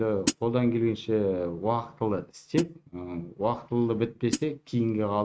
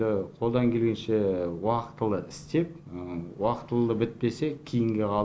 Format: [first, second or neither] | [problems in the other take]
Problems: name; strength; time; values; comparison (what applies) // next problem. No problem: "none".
second | noise reduction (neural mask model RNNoise)